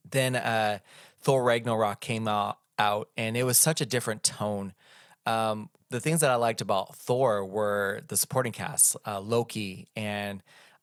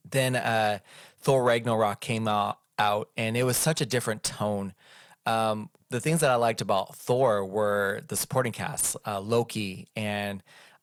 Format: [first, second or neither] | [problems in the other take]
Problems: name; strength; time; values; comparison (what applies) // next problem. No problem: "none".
first | distortion; slight; 10 dB below the speech